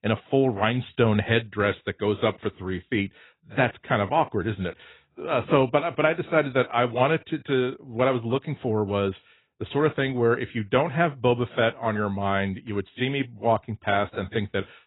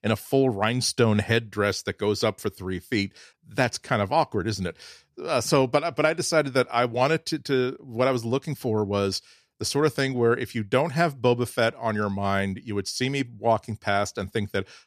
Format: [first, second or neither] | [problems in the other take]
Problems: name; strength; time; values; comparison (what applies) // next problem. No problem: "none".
second | garbled, watery; badly; nothing above 4 kHz